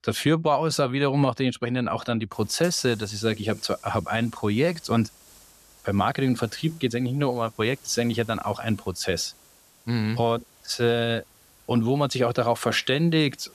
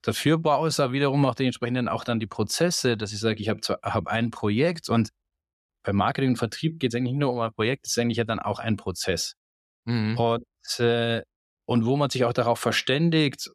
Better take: second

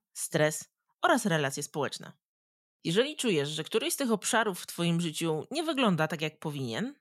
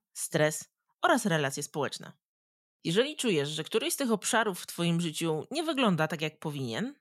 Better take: neither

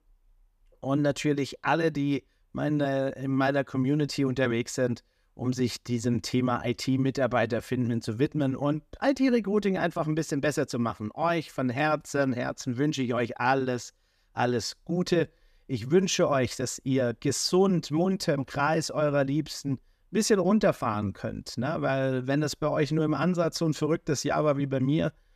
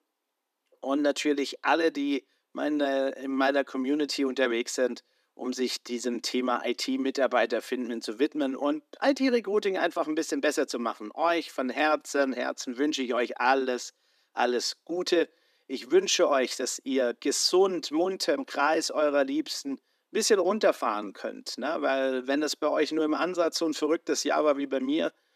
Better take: first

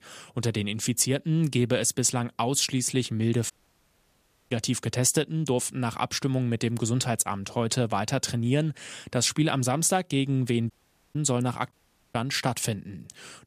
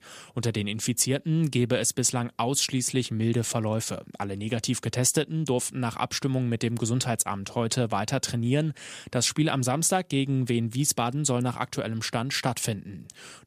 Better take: second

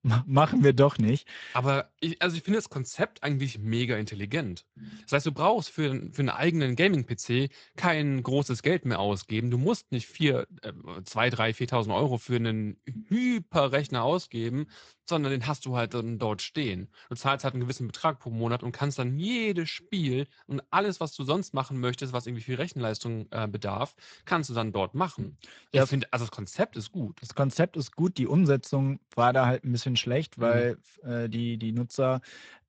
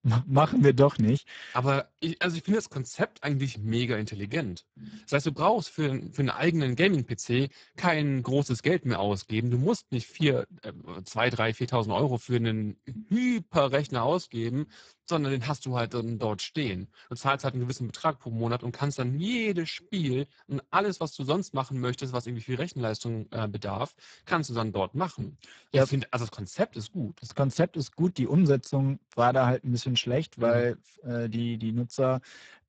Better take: first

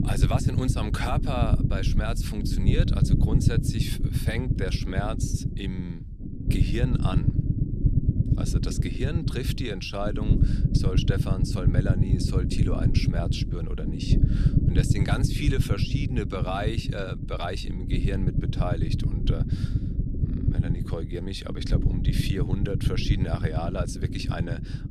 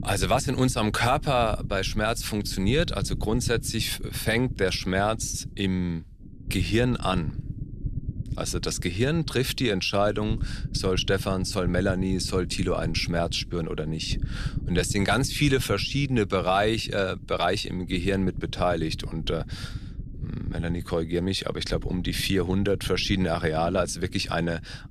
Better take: second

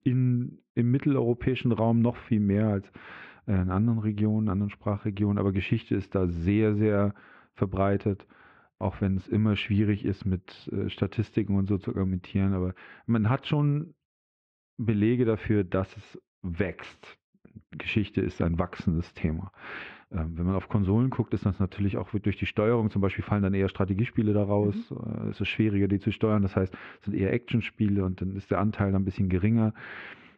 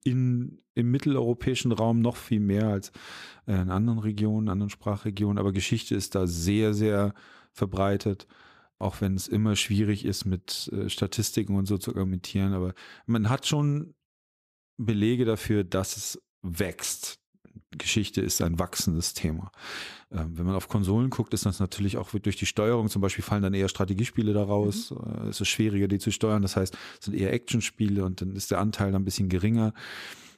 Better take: second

